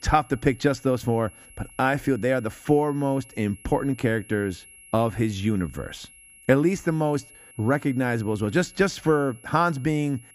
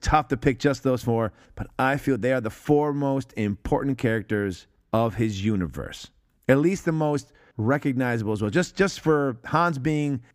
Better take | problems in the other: second | high-pitched whine; faint; throughout; 11 kHz, 25 dB below the speech

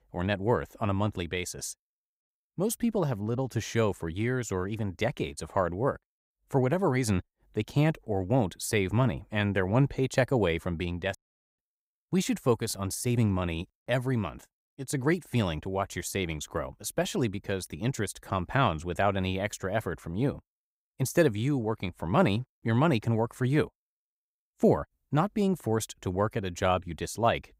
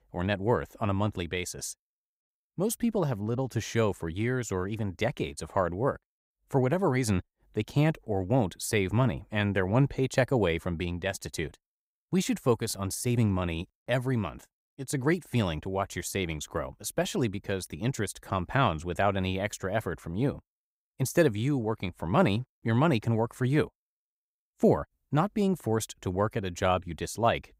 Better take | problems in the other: second | audio cutting out; at 11 s

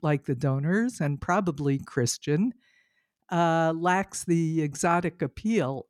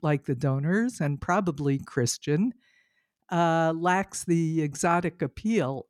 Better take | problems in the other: neither | none

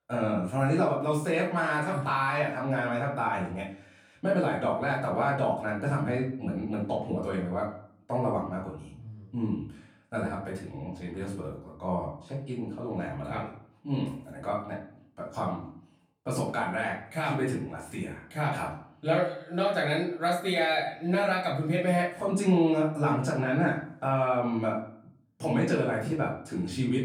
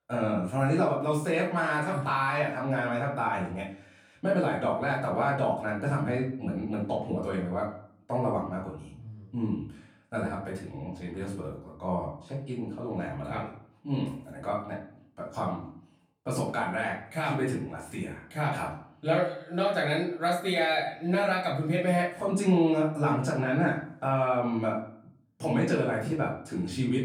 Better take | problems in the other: neither | off-mic speech; far; the same in both // room echo; slight; dies away in 0.5 s; the same in both

